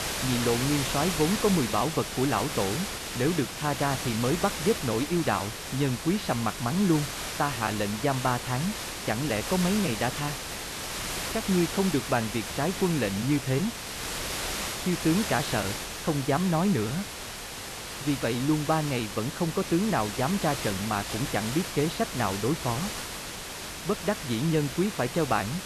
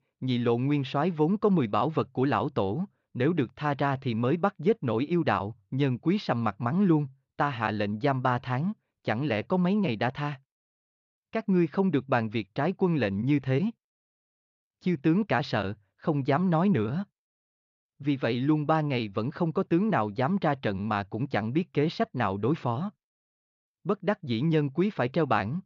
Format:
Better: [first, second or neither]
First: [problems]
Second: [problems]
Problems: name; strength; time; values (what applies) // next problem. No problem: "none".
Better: second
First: hiss; loud; throughout; 5 dB below the speech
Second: none